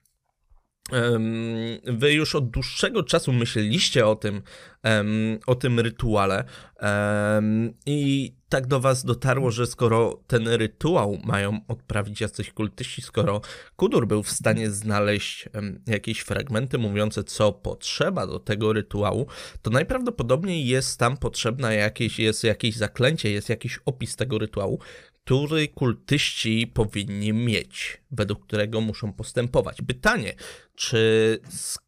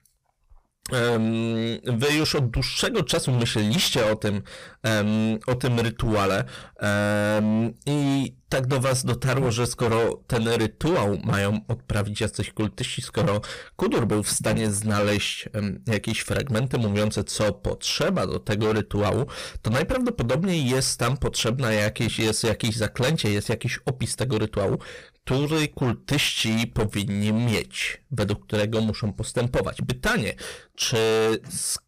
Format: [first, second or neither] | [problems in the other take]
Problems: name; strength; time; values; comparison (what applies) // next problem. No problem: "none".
first | distortion; heavy; 18% of the sound clipped